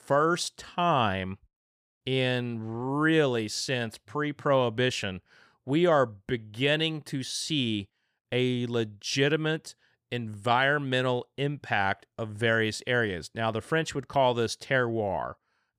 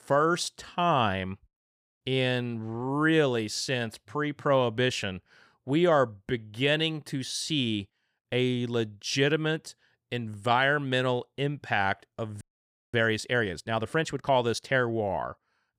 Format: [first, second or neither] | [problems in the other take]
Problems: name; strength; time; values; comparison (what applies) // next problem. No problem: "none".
first | audio freezing; at 12 s for 0.5 s